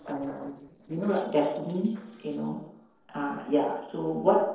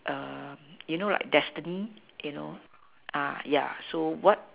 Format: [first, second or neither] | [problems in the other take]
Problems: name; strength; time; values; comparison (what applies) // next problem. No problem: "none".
second | noise reduction (neural separator model SepFormer DNS4)